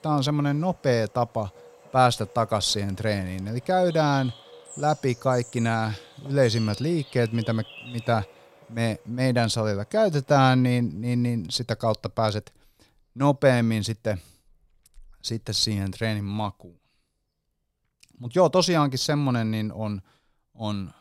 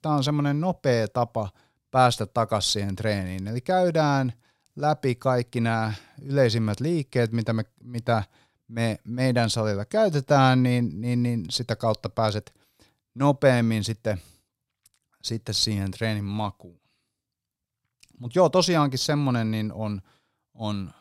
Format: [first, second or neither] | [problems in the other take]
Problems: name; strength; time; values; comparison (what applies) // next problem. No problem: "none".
second | animal sounds; faint; throughout; 20 dB below the speech